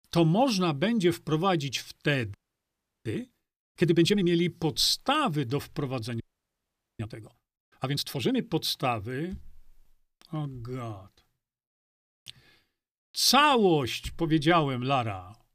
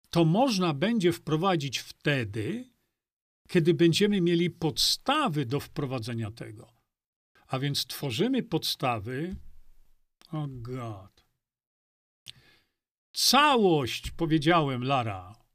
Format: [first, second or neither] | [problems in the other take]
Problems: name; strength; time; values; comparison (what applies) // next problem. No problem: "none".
second | audio freezing; at 2.5 s for 0.5 s and at 6 s for 1 s